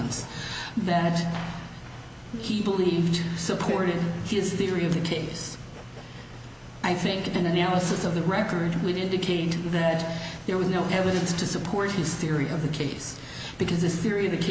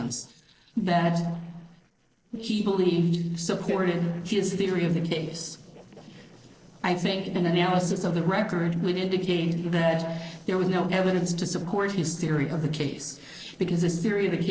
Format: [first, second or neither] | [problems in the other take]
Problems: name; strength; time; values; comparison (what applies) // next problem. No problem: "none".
first | noise reduction (neural separator model SepFormer DNS4)